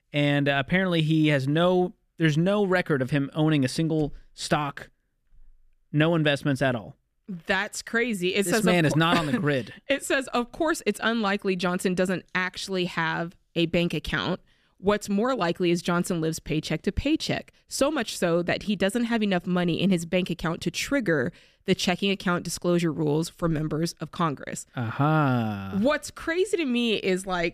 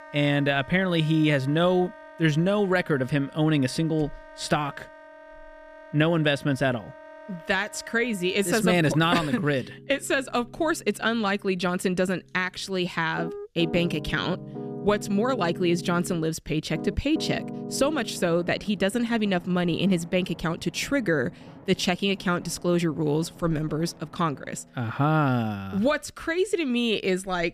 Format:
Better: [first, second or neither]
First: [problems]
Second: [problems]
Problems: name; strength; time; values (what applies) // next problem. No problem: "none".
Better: first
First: none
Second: background music; noticeable; throughout; 15 dB below the speech